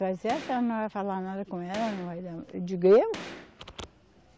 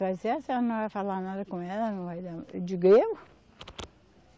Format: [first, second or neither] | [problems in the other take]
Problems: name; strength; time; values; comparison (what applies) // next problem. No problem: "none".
second | background sound (Gunshot, gunfire); 17 dB below the speech